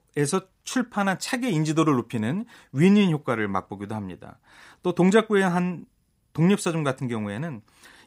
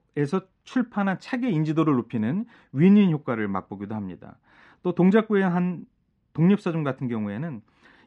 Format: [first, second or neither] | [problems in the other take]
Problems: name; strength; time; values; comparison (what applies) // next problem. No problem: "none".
first | muffled; slightly; fading above 3 kHz